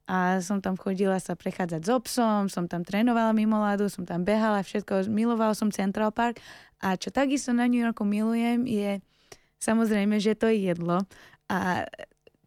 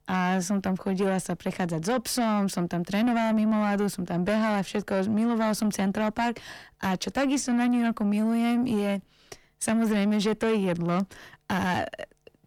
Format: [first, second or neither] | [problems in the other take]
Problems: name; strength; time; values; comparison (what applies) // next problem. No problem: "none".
first | distortion; slight; 10 dB below the speech